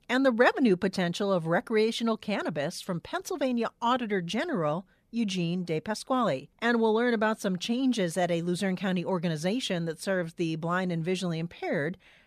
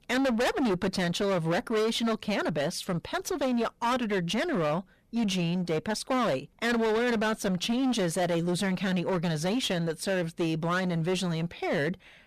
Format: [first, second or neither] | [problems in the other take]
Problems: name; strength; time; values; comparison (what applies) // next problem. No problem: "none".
first | distortion; heavy; 23% of the sound clipped